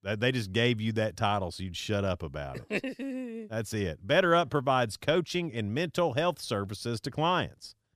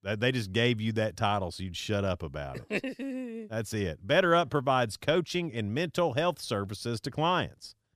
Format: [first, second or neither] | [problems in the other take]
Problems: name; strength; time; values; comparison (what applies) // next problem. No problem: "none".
neither | none